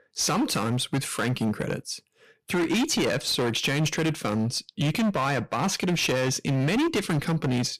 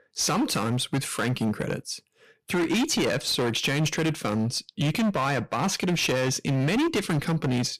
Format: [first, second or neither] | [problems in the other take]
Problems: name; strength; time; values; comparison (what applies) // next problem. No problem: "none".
neither | distortion; heavy; 21% of the sound clipped; the same in both